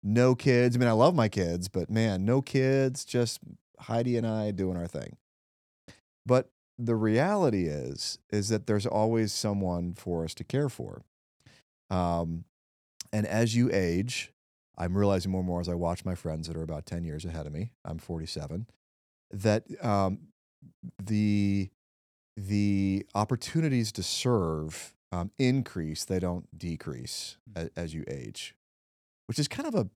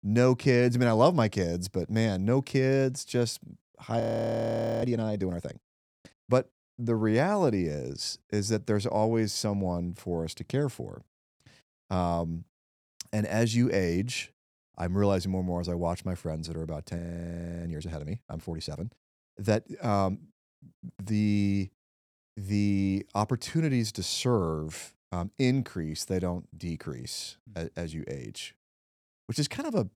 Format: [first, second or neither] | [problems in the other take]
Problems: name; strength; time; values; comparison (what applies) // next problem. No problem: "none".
first | audio freezing; at 4 s for 1 s and at 17 s for 0.5 s